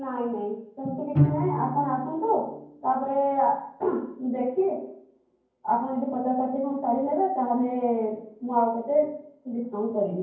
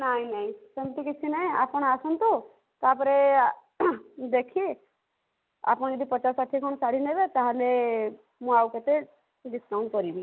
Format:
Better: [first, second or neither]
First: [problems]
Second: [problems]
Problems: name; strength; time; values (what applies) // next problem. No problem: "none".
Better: second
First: background sound (Bowed string instrument); 3 dB below the speech // room echo; dies away in 0.9 s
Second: none